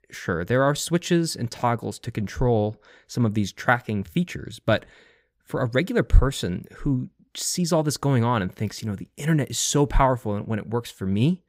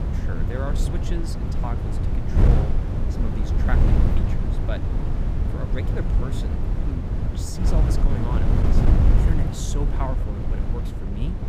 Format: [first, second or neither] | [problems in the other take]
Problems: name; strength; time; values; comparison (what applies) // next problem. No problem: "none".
first | wind noise on the microphone; heavy; 2 dB above the speech